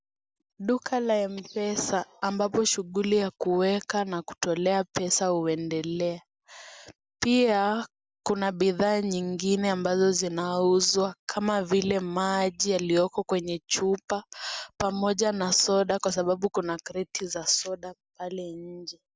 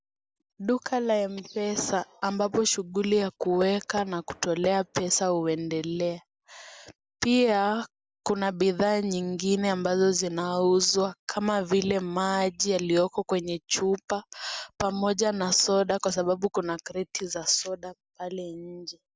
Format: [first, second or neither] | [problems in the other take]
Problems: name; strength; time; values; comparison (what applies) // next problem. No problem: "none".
first | background sound (Knock); 15 dB below the speech